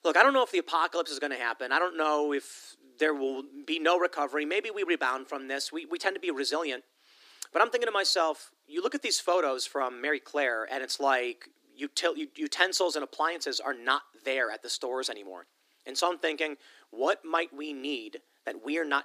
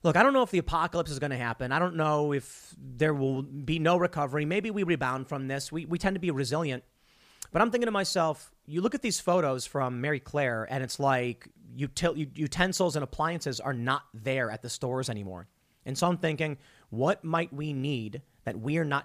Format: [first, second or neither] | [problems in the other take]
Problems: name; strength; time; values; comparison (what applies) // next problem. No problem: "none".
second | thin; somewhat; fading below 300 Hz